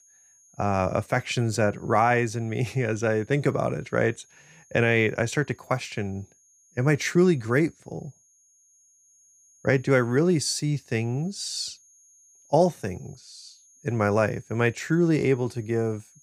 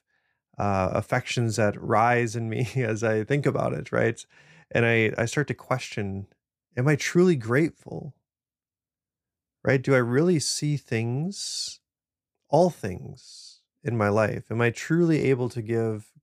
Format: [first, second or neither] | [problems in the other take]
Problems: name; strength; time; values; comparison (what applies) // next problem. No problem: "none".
second | high-pitched whine; faint; throughout; 6.5 kHz, 30 dB below the speech